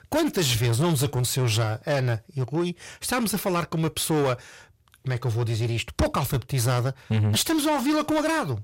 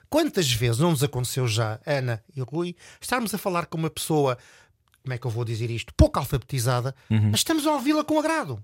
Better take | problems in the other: second | distortion; heavy; 8 dB below the speech

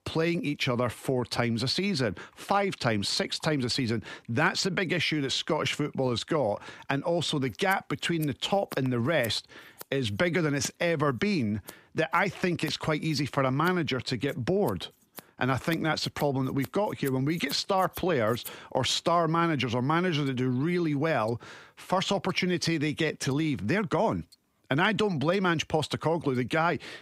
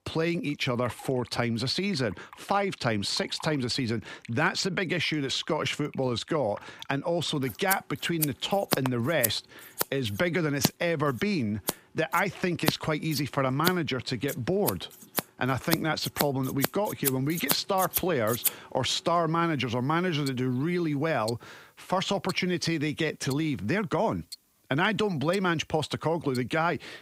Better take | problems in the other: first | household noises; loud; throughout; 5 dB below the speech; faint in the first

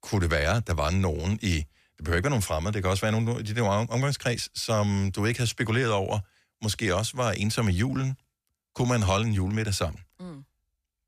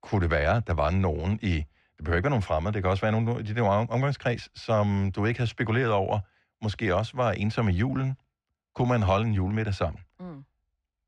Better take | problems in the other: first | muffled; slightly; fading above 2.5 kHz

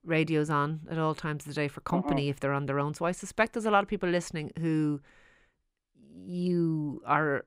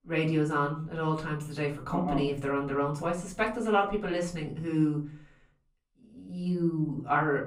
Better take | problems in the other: first | room echo; slight; dies away in 0.4 s // off-mic speech; far

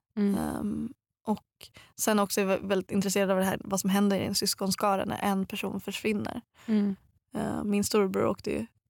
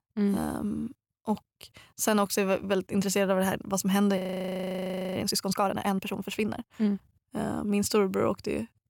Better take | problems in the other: first | audio freezing; at 4 s for 1 s

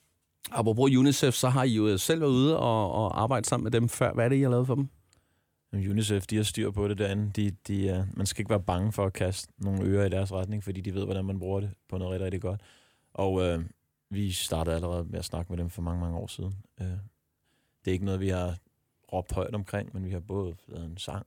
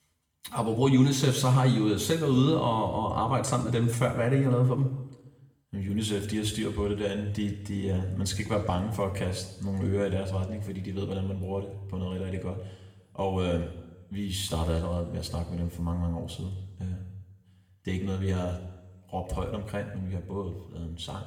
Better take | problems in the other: first | room echo; slight; dies away in 1 s // off-mic speech; somewhat distant

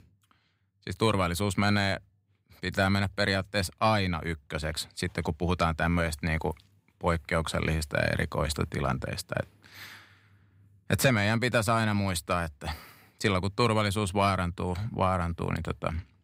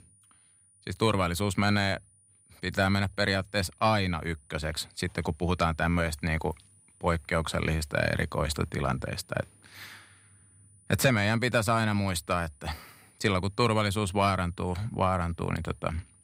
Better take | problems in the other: first | high-pitched whine; faint; throughout; 9.5 kHz, 30 dB below the speech

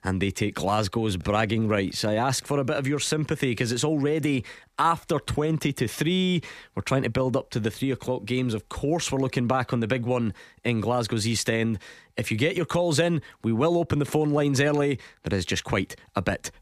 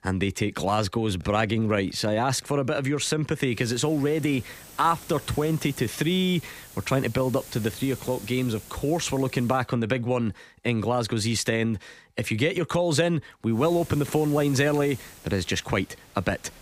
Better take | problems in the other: first | hiss; noticeable; from 3.5 to 9.5 s and from 14 s on; 20 dB below the speech

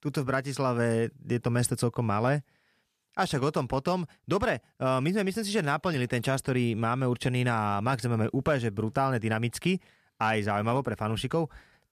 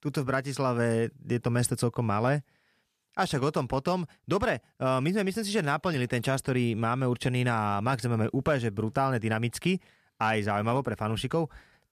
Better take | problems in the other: neither | none

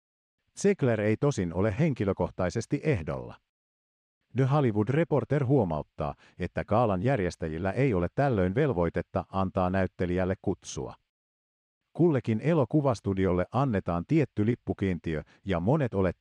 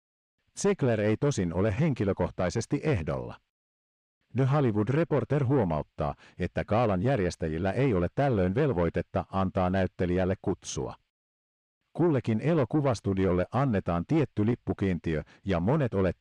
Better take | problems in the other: first | distortion; slight; 10 dB below the speech

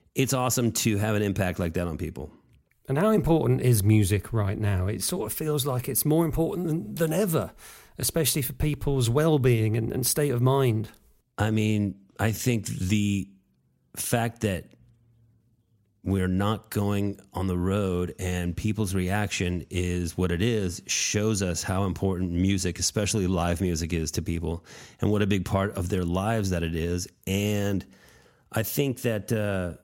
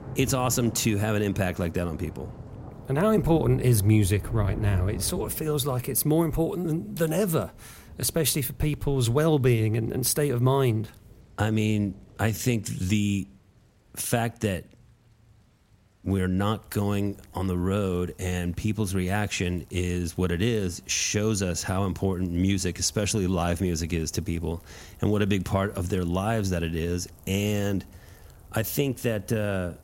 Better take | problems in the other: first | rain or running water; noticeable; throughout; 20 dB below the speech

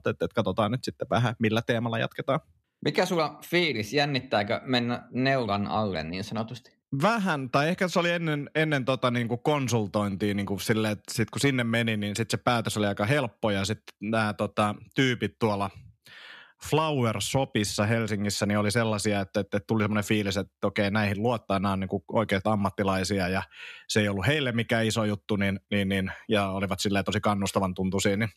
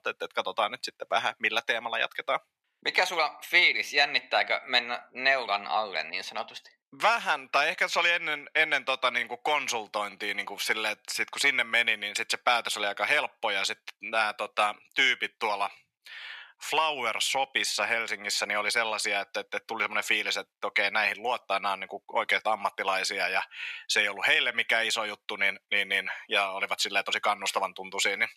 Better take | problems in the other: first | thin; very; fading below 650 Hz

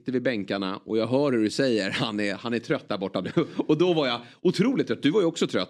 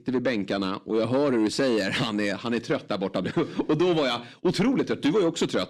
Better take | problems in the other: first | distortion; slight; 10 dB below the speech

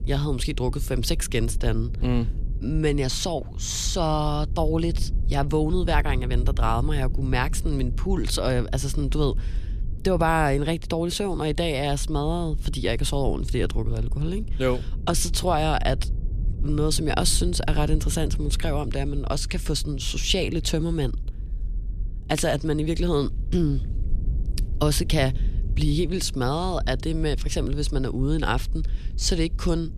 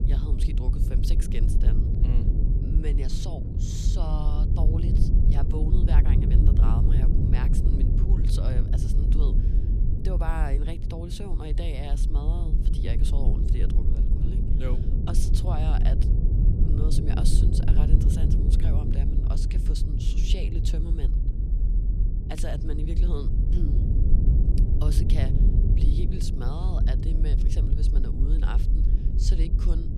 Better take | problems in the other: first | low rumble; loud; throughout; as loud as the speech; faint in the first

